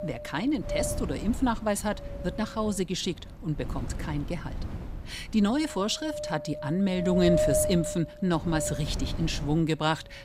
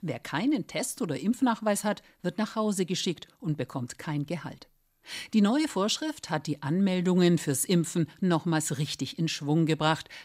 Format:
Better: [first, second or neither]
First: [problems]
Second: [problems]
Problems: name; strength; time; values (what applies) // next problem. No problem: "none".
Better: second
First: wind noise on the microphone; heavy; 2 dB below the speech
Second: none